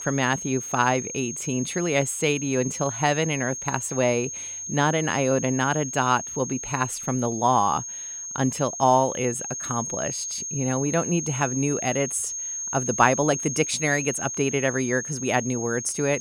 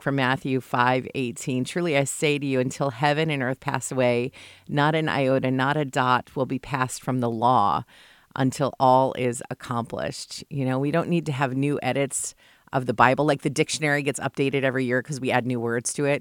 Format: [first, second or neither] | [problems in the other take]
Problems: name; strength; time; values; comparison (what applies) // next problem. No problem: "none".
second | high-pitched whine; loud; throughout; 6.5 kHz, 6 dB below the speech